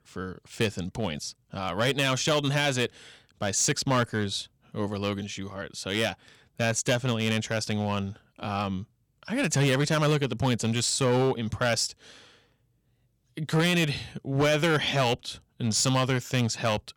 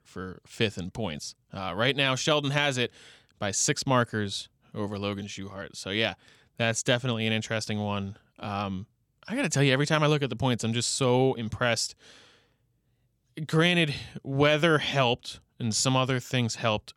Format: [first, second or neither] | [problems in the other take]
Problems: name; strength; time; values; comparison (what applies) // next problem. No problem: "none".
second | distortion; slight; 5% of the sound clipped